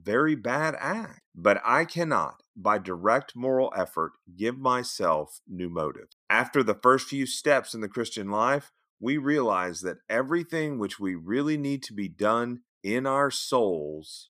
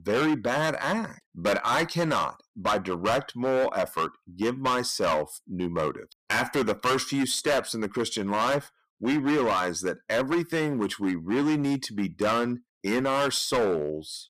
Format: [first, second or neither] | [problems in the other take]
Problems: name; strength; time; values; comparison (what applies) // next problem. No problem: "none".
first | distortion; heavy; 14% of the sound clipped